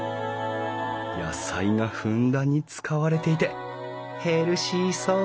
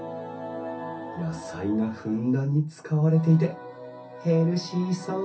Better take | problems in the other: first | room echo; dies away in 0.3 s

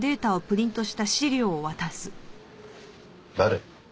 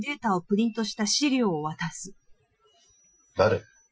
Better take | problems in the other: first | noise reduction (classical method Wiener filter)

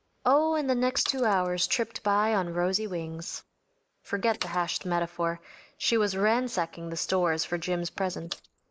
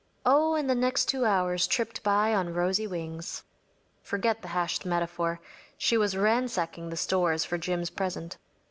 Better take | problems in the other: second | noise reduction (neural mask model Resemble Enhance denoiser)

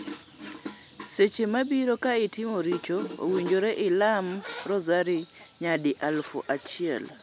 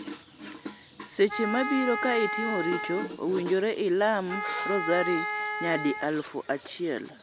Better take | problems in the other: first | background sound (Wind instrument, woodwind instrument); 4 dB below the speech

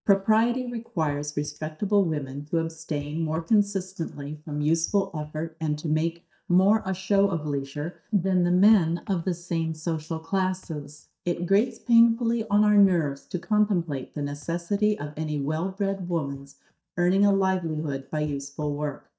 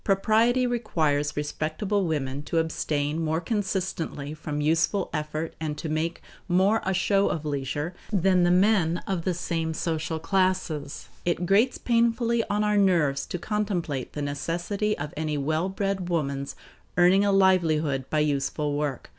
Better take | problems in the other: second | noise reduction (neural mask model DeepFilterNet 3)

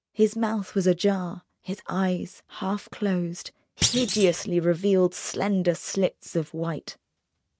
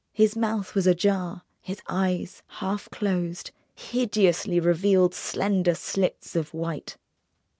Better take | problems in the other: second | noise reduction (neural mask model RNNoise)

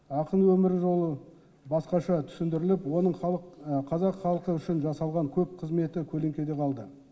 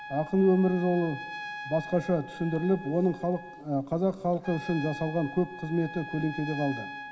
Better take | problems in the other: first | background sound (Trumpet); 13 dB below the speech

